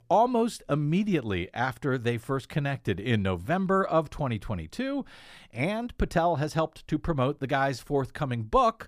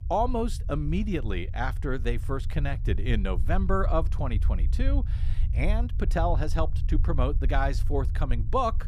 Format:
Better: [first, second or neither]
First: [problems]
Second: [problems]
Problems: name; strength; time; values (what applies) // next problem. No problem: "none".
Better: first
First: none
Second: low rumble; noticeable; throughout; 15 dB below the speech